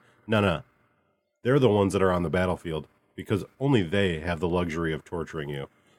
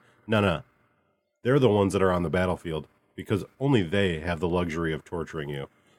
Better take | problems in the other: neither | none

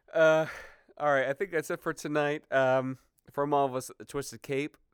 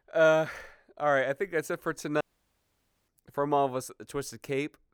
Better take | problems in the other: first | audio cutting out; at 2 s for 1 s

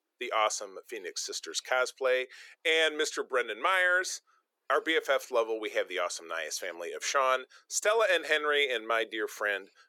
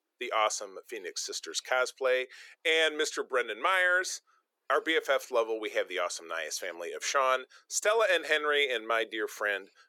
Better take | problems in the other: neither | thin; very; fading below 400 Hz; the same in both

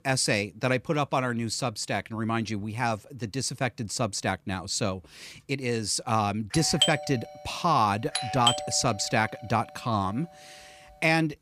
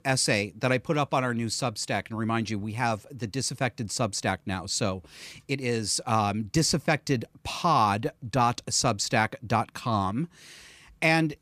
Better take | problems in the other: second | doorbell; loud; from 6.5 to 8.5 s; peak 3 dB above the speech

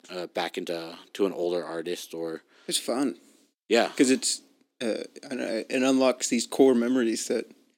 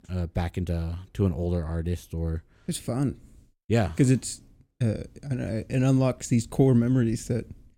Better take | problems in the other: second | thin; somewhat; fading below 250 Hz

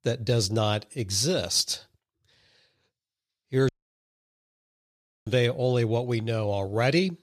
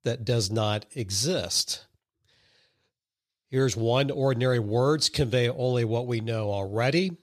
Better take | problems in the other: second | audio cutting out; at 3.5 s for 1.5 s

